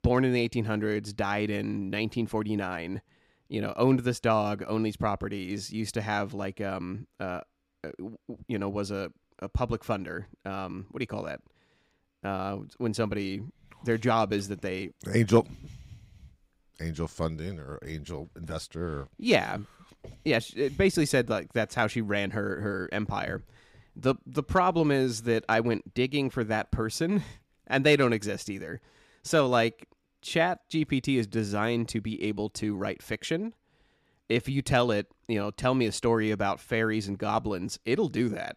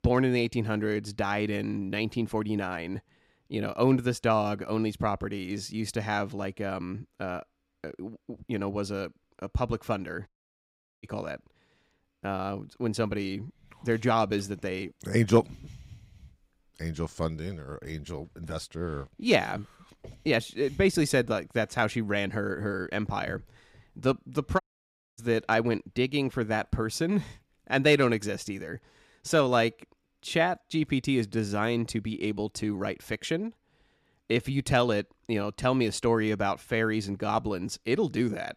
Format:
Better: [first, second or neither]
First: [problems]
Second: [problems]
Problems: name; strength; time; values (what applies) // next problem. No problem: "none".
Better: first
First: none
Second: audio cutting out; at 10 s for 0.5 s and at 25 s for 0.5 s